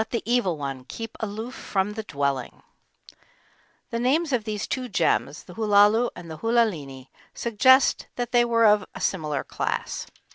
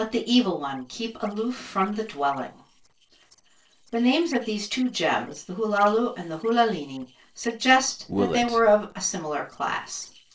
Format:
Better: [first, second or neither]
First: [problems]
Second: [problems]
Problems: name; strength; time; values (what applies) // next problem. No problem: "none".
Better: first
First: none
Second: noise reduction (neural separator model SepFormer DNS4)